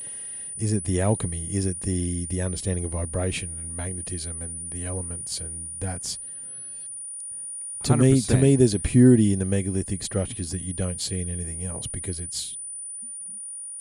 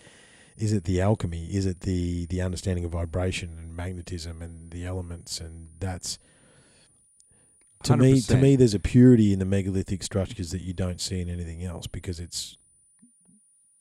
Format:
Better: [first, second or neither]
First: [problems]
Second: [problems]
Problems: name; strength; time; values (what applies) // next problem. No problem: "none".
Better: second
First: high-pitched whine; loud; throughout; 9.5 kHz, 7 dB below the speech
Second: high-pitched whine; faint; throughout; 9.5 kHz, 30 dB below the speech